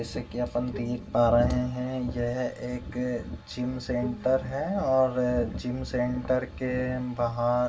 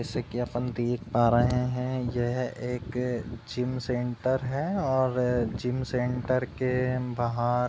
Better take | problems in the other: second | background sound (Bowed string instrument); 18 dB below the speech // room echo; dies away in 0.2 s

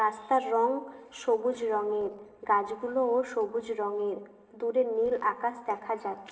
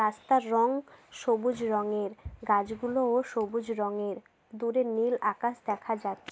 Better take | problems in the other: second | noise reduction (neural separator model SepFormer DNS4)

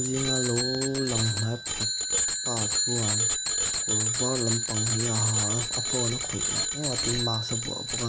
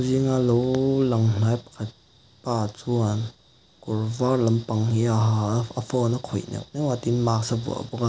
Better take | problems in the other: second | background sound (Bicycle bell); 3 dB above the speech

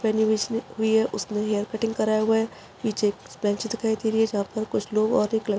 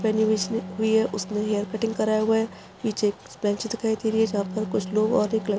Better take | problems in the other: first | background sound (Bowed string instrument); 13 dB below the speech

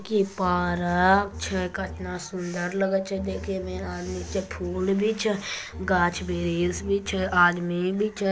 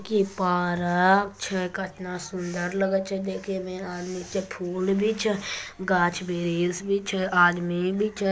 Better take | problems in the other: second | background sound (Bowed string instrument); 12 dB below the speech

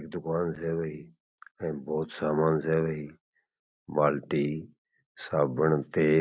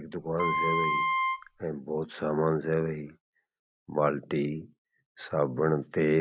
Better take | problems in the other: first | background sound (Wind instrument, woodwind instrument); 1 dB above the speech

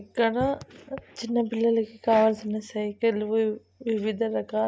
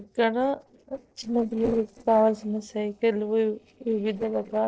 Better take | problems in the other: first | noise reduction (neural separator model SepFormer DNS4)

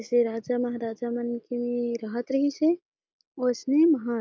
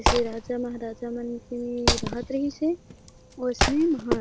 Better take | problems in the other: first | background sound (Wood); as loud as the speech

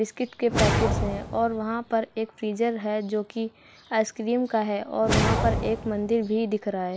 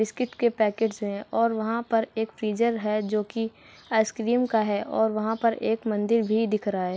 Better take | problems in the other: second | background sound (Whoosh, swoosh, swish); 1 dB below the speech

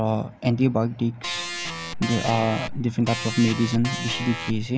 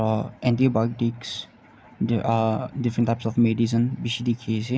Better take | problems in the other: second | background sound (Organ); 7 dB below the speech

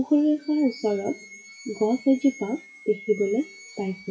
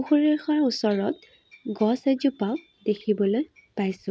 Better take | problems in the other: second | noise reduction (classical method WPE with log-MMSE)

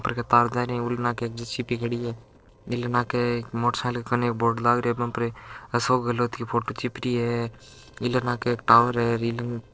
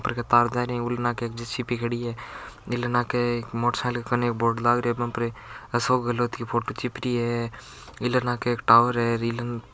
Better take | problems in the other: second | noise reduction (neural separator model SepFormer DNS4)

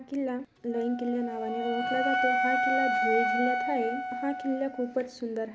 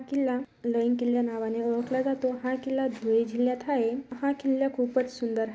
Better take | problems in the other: second | background sound (Wind instrument, woodwind instrument); 1 dB above the speech

